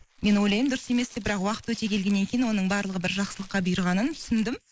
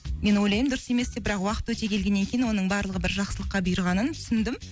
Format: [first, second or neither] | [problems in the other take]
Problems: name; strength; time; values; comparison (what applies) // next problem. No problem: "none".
second | noise reduction (neural mask model Resemble Enhance denoiser)